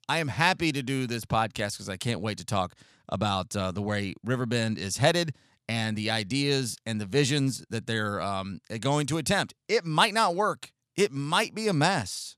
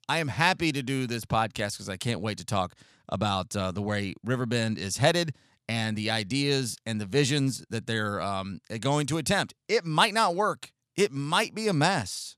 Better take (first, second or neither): neither